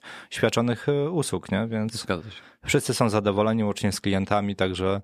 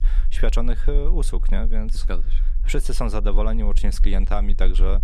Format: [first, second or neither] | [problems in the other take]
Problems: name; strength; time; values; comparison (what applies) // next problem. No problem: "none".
first | low rumble; noticeable; throughout; 20 dB below the speech